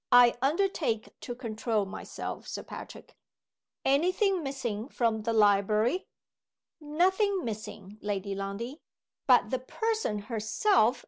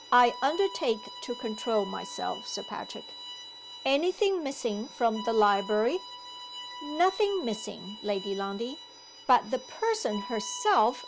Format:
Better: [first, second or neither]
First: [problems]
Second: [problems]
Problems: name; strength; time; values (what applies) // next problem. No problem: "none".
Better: first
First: none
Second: background sound (Bowed string instrument); 14 dB below the speech